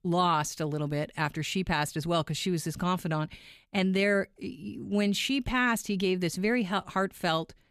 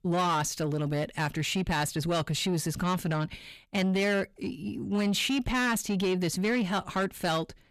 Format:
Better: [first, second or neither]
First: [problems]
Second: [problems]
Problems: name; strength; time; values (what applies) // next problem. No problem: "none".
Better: first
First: none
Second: distortion; slight; 10 dB below the speech